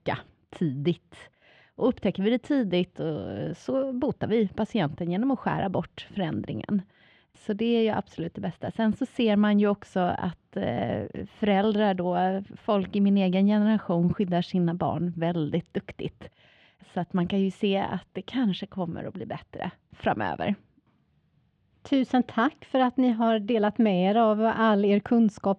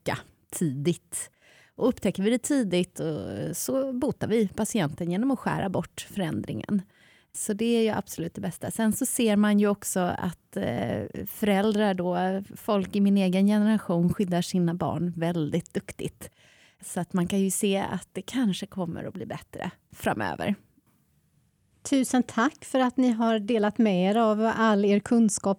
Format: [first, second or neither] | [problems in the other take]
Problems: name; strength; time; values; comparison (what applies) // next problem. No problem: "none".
second | muffled; very; fading above 3.5 kHz